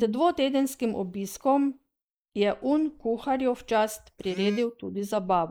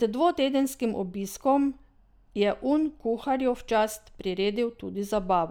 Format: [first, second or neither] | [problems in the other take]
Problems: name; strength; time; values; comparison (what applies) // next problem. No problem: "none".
second | noise reduction (neural mask model Resemble Enhance denoiser)